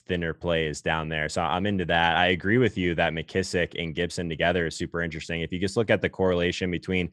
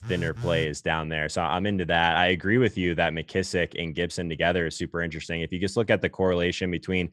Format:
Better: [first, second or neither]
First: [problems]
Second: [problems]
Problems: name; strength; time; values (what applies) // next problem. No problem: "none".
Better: first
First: none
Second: phone ringing; noticeable; at the start; peak 9 dB below the speech